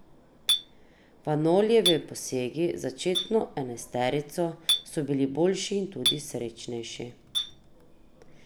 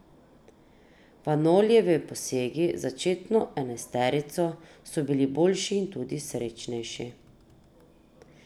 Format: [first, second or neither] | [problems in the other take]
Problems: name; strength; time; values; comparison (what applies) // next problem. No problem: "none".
second | background sound (Chink, clink); 6 dB below the speech